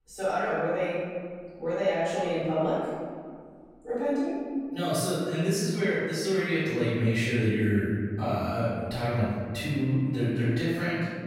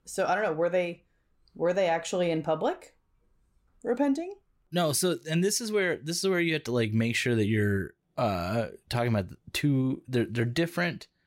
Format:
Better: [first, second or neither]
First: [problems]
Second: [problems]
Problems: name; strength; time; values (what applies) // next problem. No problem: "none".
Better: second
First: off-mic speech; far // room echo; strong; dies away in 1.9 s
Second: none